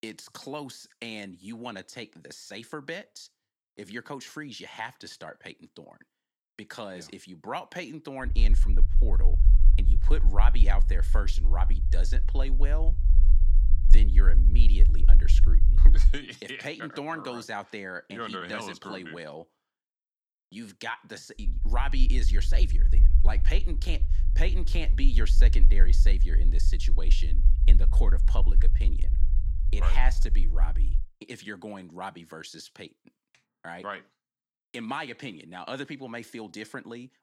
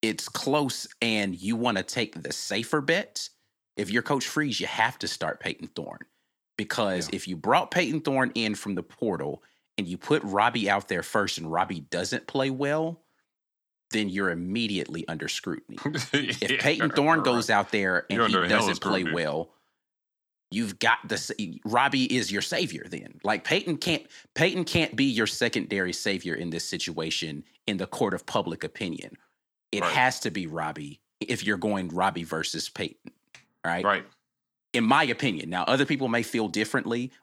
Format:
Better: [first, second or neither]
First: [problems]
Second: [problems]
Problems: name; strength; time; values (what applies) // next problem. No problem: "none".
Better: second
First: low rumble; noticeable; from 8.5 to 16 s and from 21 to 31 s; 10 dB below the speech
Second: none